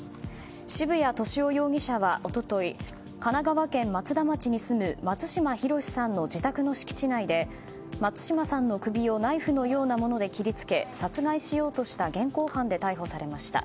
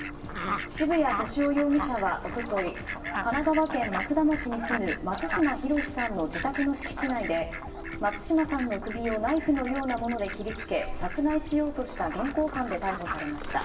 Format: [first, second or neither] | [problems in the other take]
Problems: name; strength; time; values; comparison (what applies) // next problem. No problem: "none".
first | background sound (Fowl); 7 dB below the speech // room echo; dies away in 0.8 s